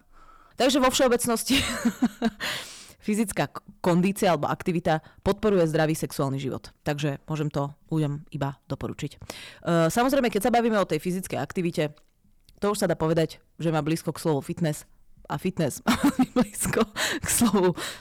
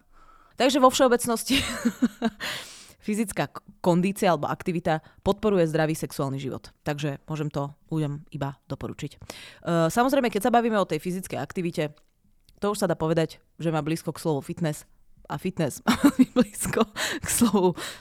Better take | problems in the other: second | distortion; slight; 4% of the sound clipped

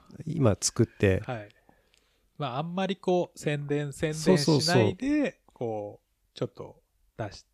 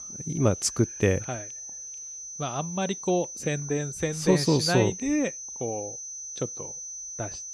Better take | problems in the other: first | high-pitched whine; loud; throughout; 6 kHz, 9 dB below the speech

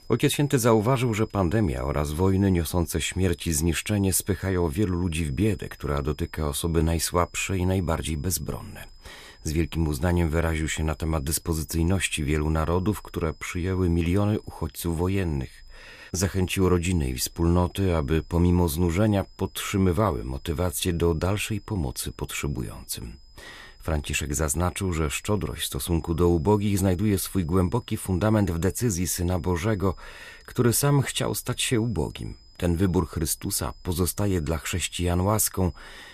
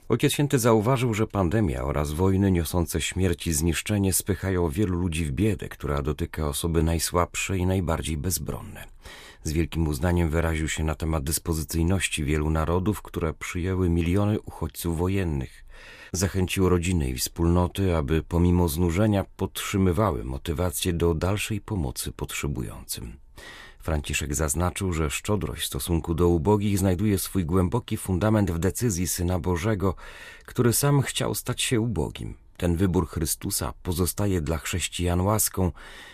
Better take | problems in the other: second | high-pitched whine; faint; throughout; 5 kHz, 30 dB below the speech

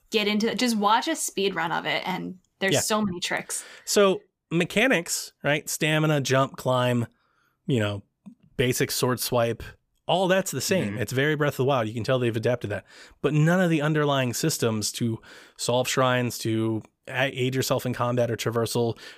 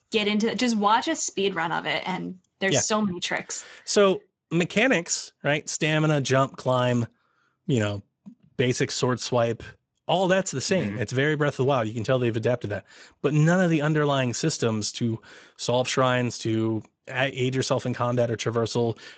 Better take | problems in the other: first | garbled, watery; slightly; nothing above 7.5 kHz

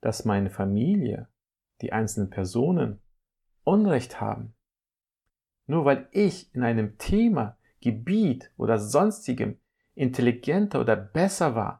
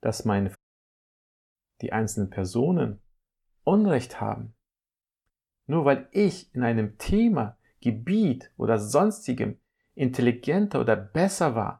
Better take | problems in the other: first | audio cutting out; at 0.5 s for 1 s

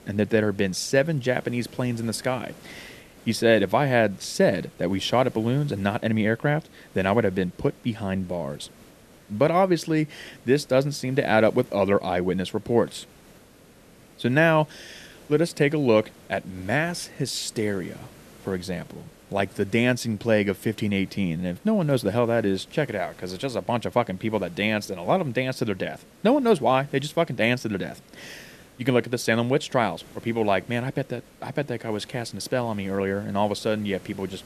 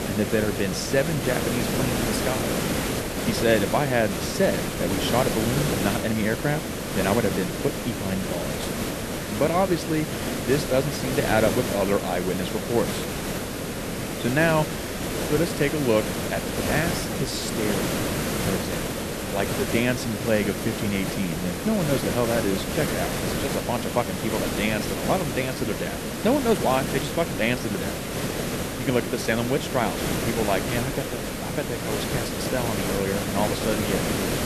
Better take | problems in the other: first | hiss; loud; throughout; 1 dB below the speech; faint in the first

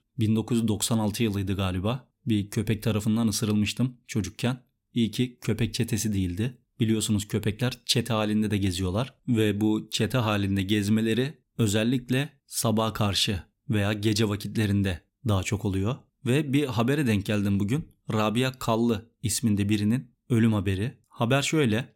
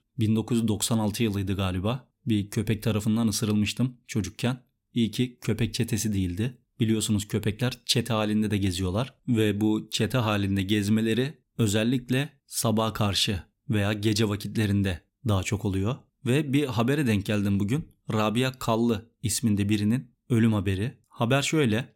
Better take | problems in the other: neither | none

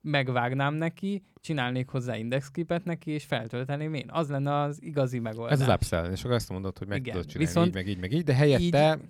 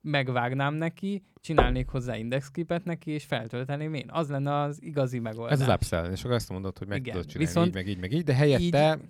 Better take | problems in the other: first | door banging; loud; at 1.5 s; peak 2 dB above the speech

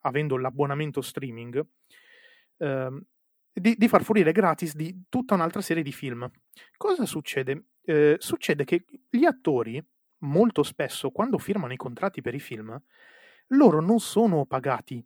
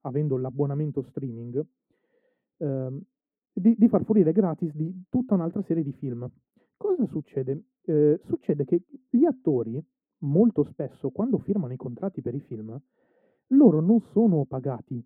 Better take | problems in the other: first | muffled; very; fading above 1 kHz

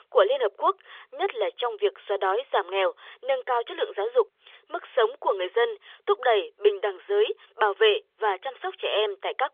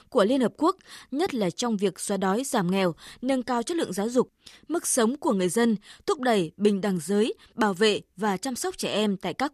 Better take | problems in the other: second | phone-call audio; nothing above 3.5 kHz

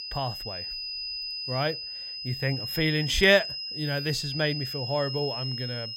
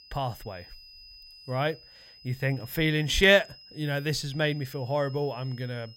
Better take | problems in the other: second | high-pitched whine; loud; throughout; 5 kHz, 5 dB below the speech; faint in the second

